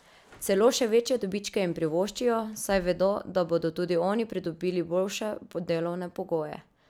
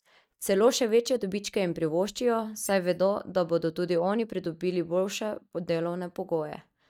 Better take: first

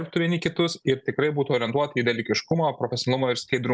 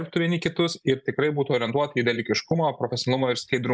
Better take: first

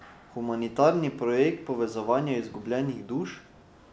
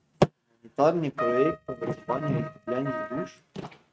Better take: first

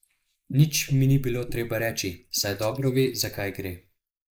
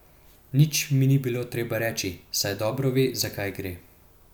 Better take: second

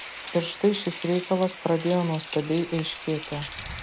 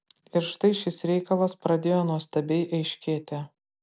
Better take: second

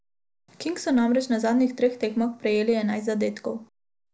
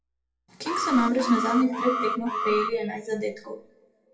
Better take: first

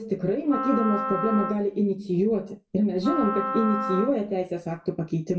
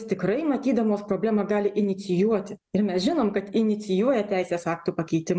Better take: second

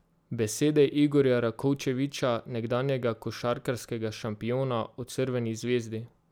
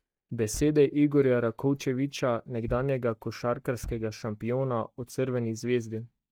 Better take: first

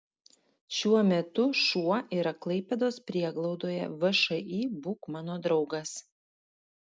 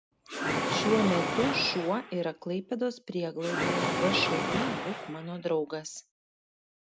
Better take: first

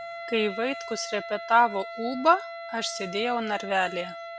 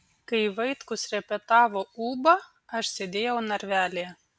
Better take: second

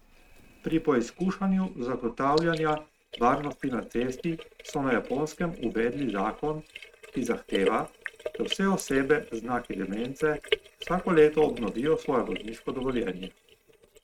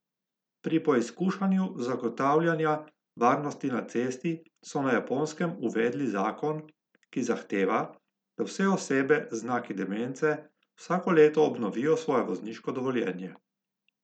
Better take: second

